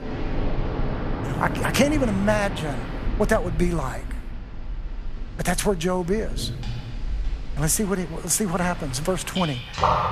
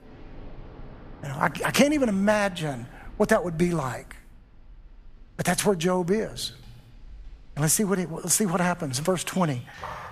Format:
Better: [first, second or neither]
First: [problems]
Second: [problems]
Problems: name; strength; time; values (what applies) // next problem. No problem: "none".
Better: second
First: rain or running water; loud; throughout; 6 dB below the speech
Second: rain or running water; faint; throughout; 25 dB below the speech